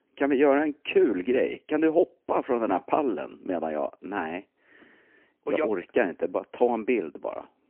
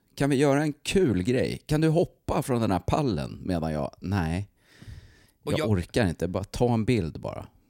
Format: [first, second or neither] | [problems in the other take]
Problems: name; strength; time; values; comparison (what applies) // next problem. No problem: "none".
second | phone-call audio; poor line; nothing above 3 kHz